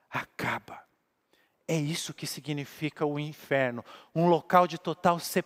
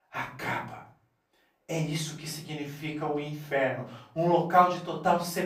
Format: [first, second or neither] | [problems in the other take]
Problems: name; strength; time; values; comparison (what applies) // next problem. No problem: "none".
first | off-mic speech; far // room echo; slight; dies away in 0.4 s